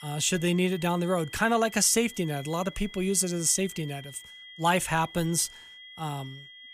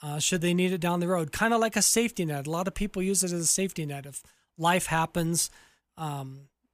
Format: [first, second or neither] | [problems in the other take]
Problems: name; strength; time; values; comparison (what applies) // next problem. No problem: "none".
second | high-pitched whine; noticeable; throughout; 3 kHz, 20 dB below the speech